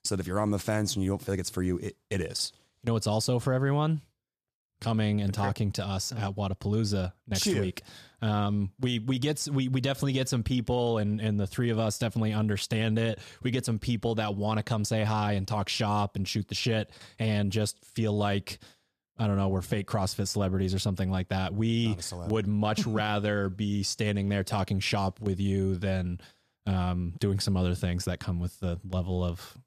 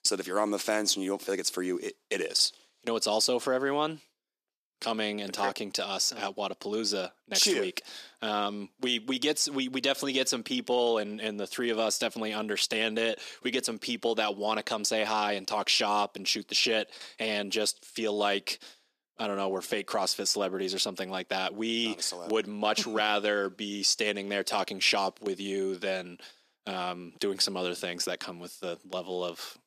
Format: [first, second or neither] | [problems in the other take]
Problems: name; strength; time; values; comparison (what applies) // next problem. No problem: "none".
first | thin; somewhat; fading below 300 Hz